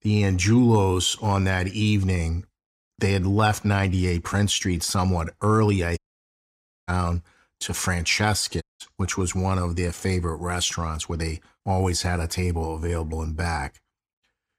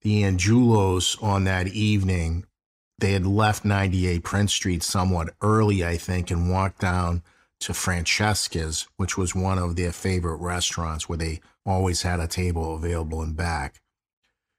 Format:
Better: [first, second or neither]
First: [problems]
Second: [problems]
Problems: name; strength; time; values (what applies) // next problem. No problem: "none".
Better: second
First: audio cutting out; at 6 s for 1 s and at 8.5 s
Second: none